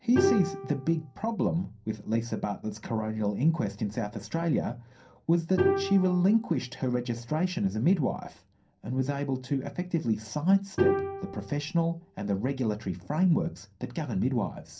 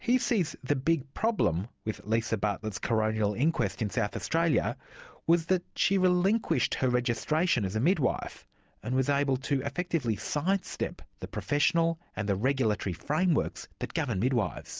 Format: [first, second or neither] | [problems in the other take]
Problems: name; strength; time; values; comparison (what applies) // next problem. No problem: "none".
second | background sound (Bowed string instrument); 5 dB below the speech // room echo; dies away in 0.3 s